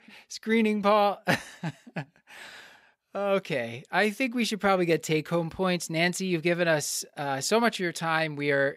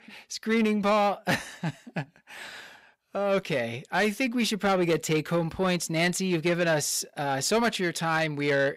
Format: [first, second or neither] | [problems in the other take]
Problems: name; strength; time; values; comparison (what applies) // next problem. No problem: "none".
first | distortion; slight; 10 dB below the speech